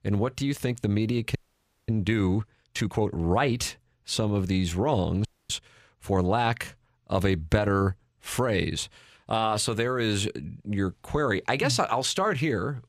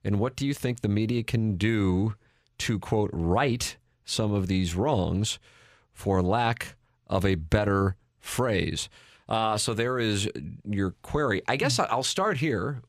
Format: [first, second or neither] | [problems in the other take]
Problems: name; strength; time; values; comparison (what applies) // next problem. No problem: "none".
second | audio freezing; at 1.5 s for 0.5 s and at 5.5 s